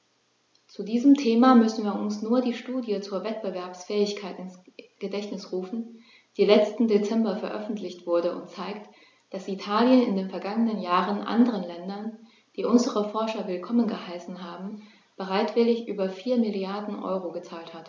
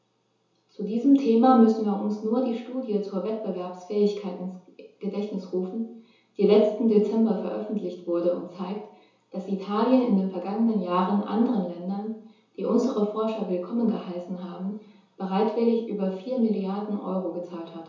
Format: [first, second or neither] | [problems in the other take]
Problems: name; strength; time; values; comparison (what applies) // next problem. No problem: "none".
first | room echo; dies away in 0.7 s